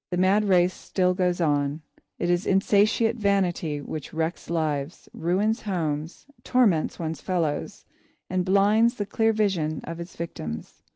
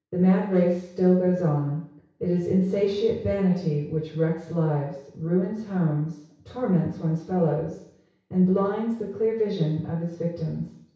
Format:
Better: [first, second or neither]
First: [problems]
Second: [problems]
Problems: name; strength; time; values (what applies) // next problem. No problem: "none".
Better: first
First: none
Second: room echo; dies away in 0.6 s